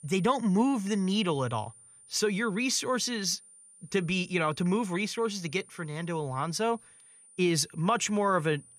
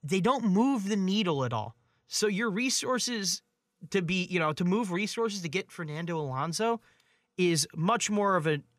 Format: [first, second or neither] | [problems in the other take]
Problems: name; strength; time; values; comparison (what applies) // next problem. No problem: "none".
second | high-pitched whine; faint; throughout; 9 kHz, 25 dB below the speech